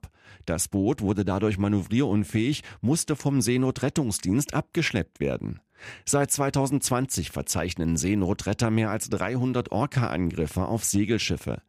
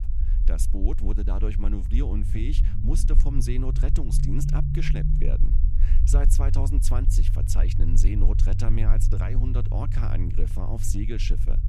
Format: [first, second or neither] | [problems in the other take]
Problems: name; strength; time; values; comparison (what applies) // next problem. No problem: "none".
first | low rumble; loud; throughout; 5 dB below the speech